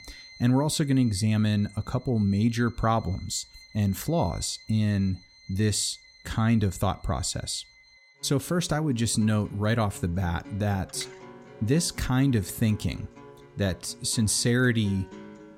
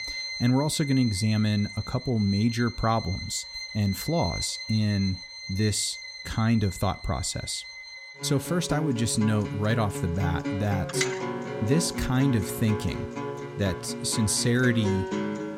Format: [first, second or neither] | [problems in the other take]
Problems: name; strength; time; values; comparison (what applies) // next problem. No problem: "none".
first | background music; loud; throughout; 7 dB below the speech; faint in the first